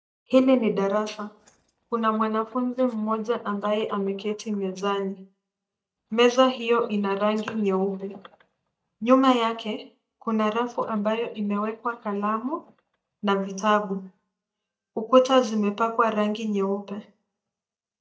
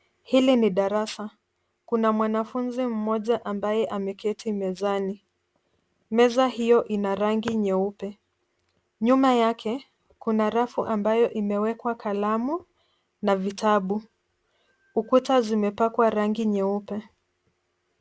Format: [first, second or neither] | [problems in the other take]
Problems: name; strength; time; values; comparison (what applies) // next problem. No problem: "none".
second | noise reduction (neural mask model DeepFilterNet 3)